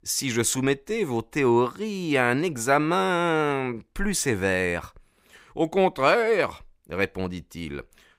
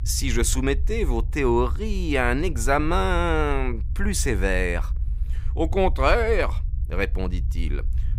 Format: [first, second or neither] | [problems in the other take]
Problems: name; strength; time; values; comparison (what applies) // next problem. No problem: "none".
first | low rumble; faint; throughout; 25 dB below the speech